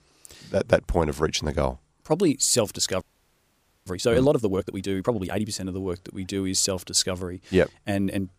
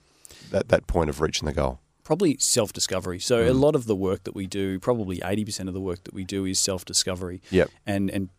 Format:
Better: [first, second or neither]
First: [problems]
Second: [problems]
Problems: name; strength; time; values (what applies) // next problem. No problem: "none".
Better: second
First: audio freezing; at 3 s for 1 s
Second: none